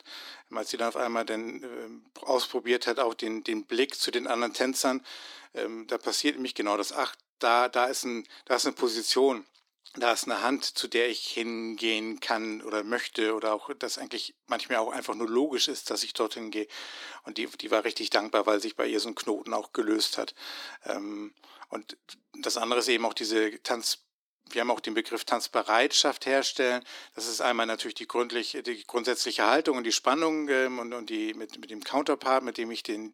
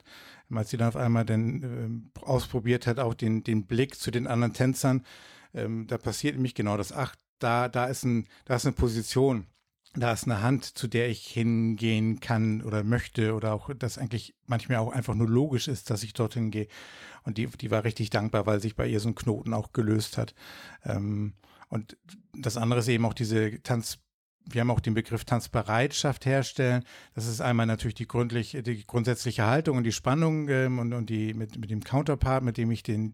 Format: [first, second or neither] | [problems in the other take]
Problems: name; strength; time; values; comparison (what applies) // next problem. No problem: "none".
second | thin; somewhat; fading below 300 Hz